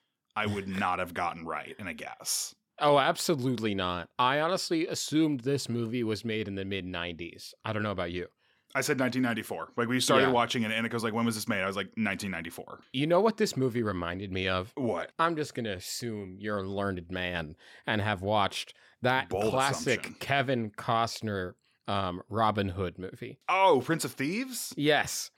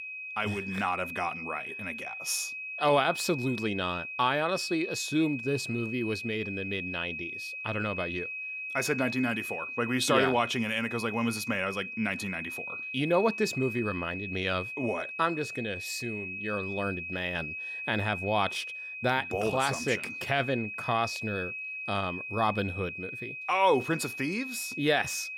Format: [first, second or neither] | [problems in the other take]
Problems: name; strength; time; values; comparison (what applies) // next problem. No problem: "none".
first | high-pitched whine; loud; throughout; 2.5 kHz, 6 dB below the speech